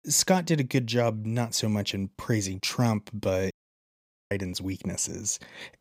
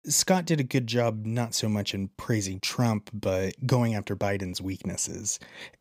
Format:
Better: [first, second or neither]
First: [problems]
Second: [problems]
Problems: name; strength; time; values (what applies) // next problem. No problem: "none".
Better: second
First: audio cutting out; at 3.5 s for 1 s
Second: none